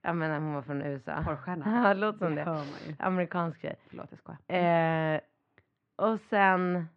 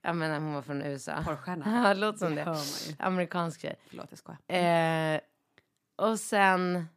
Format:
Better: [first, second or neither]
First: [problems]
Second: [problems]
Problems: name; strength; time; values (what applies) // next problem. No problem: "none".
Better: second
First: muffled; very; fading above 2.5 kHz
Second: none